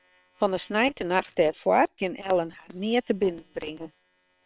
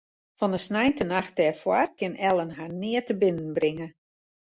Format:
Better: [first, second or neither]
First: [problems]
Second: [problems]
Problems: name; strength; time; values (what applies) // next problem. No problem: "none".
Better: second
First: noise reduction (neural separator model SepFormer WHAM!)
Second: none